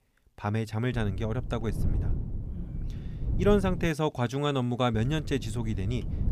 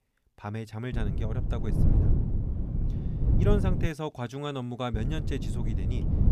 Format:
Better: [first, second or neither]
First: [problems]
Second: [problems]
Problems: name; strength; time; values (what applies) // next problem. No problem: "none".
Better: first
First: wind noise on the microphone; occasional gusts; from 1 to 4 s and from 5 s on; 15 dB below the speech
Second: wind noise on the microphone; heavy; from 1 to 4 s and from 5 s on; 4 dB below the speech